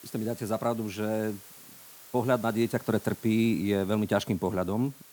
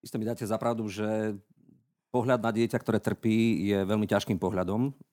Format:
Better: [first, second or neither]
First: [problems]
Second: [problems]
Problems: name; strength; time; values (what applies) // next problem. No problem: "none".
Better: second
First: hiss; noticeable; throughout; 20 dB below the speech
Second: none